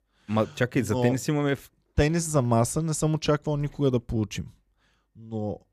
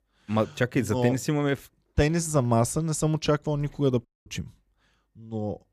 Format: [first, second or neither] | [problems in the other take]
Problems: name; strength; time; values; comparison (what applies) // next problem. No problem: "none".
first | audio cutting out; at 4 s